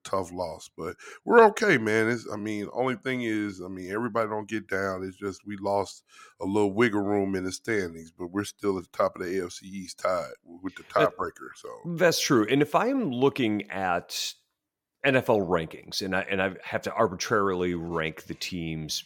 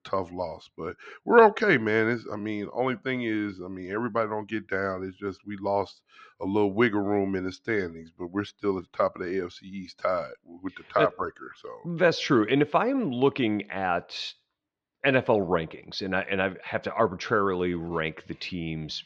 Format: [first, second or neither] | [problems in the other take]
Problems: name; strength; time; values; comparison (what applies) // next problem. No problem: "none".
first | muffled; very slightly; fading above 4 kHz